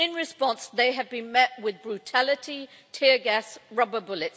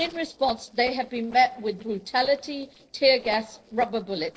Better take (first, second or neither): first